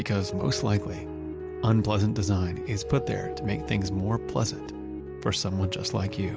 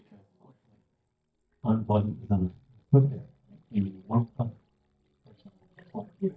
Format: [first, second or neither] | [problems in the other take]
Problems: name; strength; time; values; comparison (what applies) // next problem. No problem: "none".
first | noise reduction (neural mask model DeepFilterNet 3)